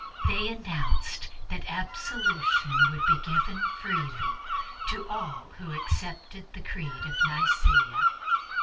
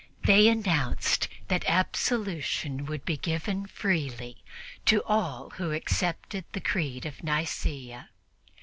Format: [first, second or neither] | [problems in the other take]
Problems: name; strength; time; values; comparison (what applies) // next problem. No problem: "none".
second | background sound (Bird vocalization, bird call, bird song); 1 dB above the speech // room echo; dies away in 0.2 s